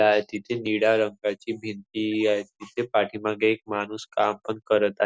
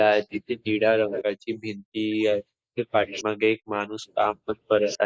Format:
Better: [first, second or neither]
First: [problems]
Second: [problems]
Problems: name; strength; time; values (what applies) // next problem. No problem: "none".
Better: first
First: none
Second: noise reduction (neural mask model Resemble Enhance denoiser)